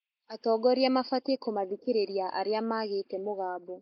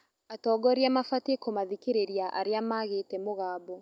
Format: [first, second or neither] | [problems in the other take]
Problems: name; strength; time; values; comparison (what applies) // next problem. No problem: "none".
second | noise reduction (neural mask model Resemble Enhance denoiser)